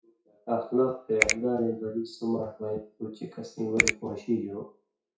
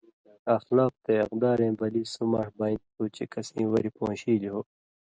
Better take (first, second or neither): second